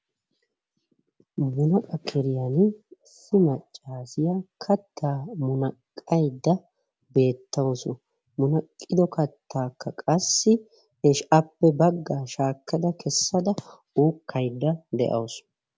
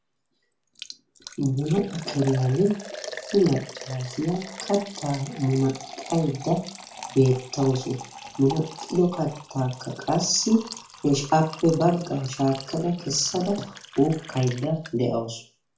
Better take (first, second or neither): first